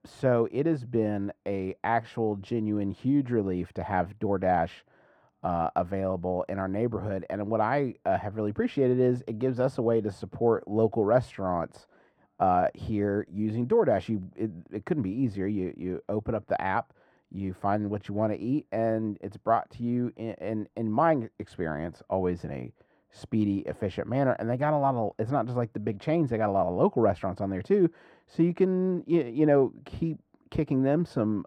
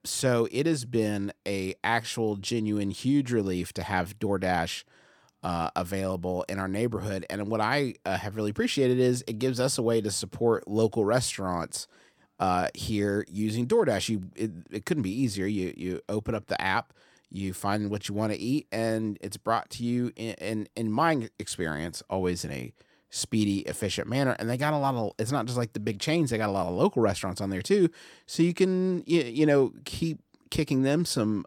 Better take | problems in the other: second | muffled; very; fading above 3 kHz

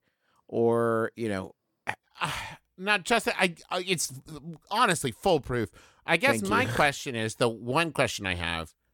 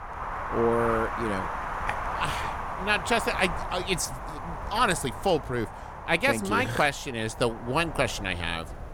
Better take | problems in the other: first | wind noise on the microphone; heavy; 6 dB below the speech

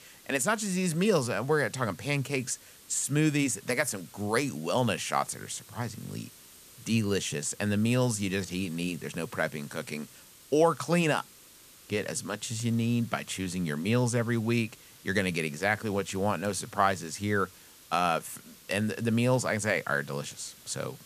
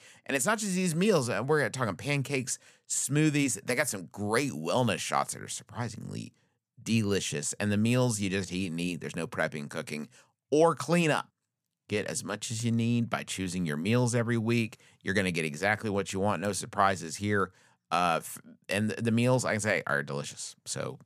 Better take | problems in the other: second | hiss; faint; throughout; 20 dB below the speech

